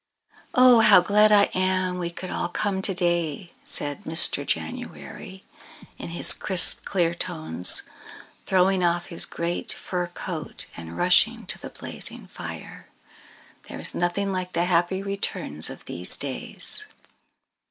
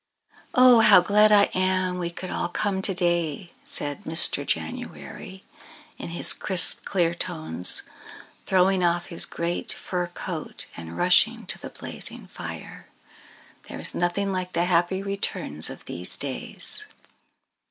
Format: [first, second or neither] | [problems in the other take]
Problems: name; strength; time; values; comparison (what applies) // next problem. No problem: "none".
second | noise reduction (neural separator model SepFormer DNS4)